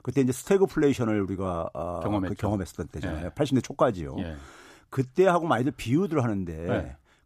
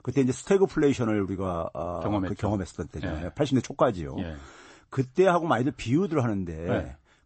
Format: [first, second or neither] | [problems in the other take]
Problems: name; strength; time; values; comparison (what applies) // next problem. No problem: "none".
first | garbled, watery; slightly; nothing above 8 kHz